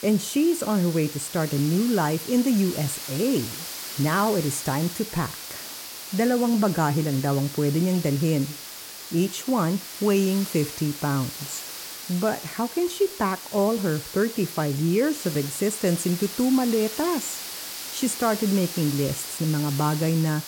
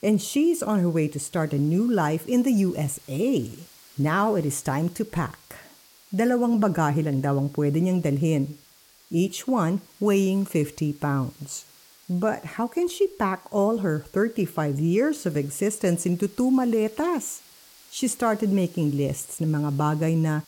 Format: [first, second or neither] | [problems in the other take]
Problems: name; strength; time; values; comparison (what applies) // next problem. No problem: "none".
second | hiss; loud; throughout; 9 dB below the speech; faint in the second